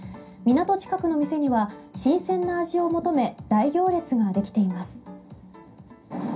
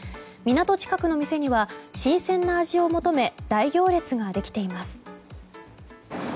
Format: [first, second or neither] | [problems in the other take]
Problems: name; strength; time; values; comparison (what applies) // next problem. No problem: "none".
second | room echo; dies away in 0.3 s